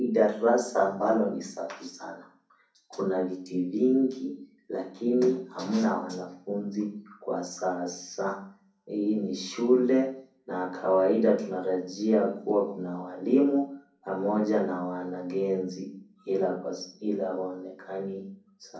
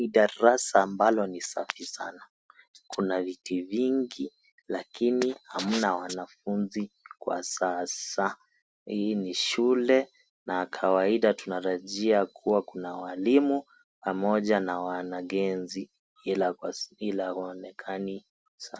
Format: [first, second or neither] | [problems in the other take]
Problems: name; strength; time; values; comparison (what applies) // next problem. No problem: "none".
second | room echo; dies away in 0.6 s